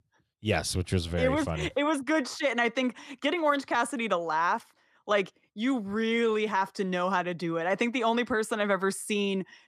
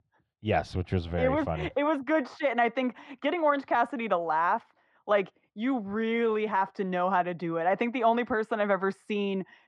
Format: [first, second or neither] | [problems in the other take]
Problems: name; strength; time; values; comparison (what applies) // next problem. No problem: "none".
first | muffled; very; fading above 2.5 kHz